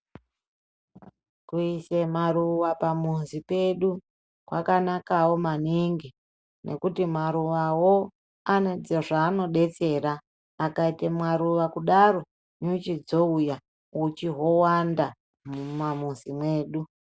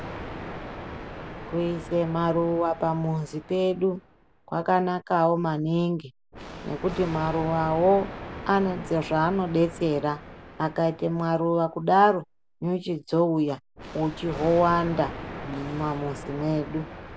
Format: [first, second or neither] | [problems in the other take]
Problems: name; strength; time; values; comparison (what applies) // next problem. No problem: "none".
first | background sound (Thunder); 14 dB below the speech